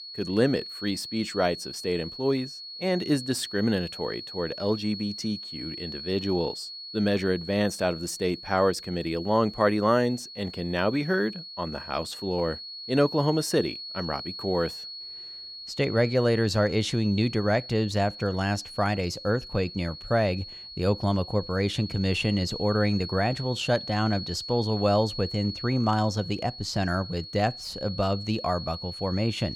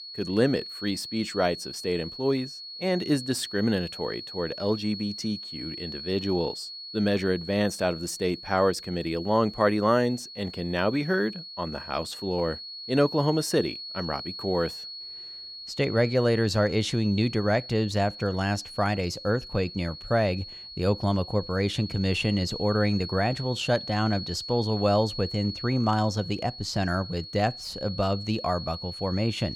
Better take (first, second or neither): neither